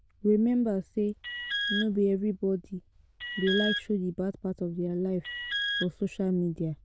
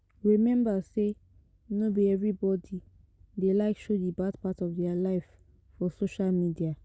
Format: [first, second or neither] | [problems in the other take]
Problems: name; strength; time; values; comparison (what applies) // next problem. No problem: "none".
second | noise reduction (neural diffusion model UNIVERSE++)